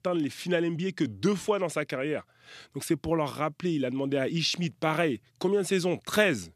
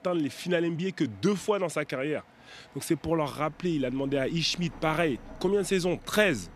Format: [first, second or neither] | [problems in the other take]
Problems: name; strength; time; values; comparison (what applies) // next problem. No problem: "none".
first | train or aircraft noise; faint; throughout; 25 dB below the speech